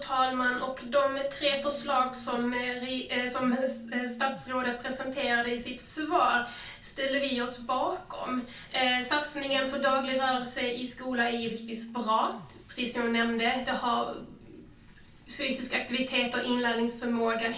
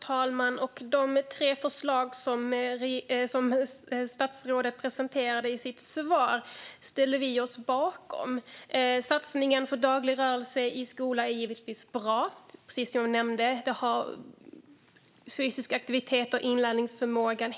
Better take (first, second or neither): second